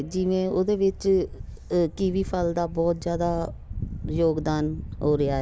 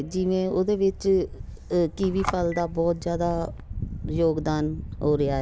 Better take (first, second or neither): first